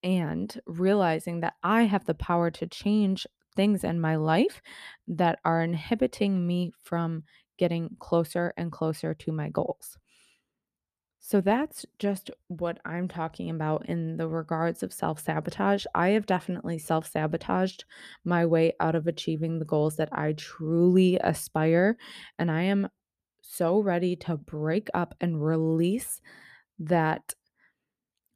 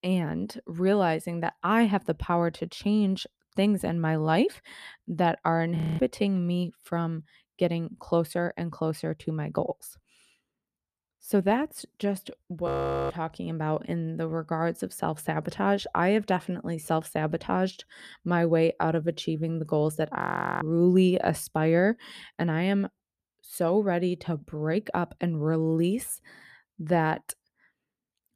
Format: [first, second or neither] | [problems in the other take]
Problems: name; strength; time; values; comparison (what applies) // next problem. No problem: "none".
first | audio freezing; at 6 s, at 13 s and at 20 s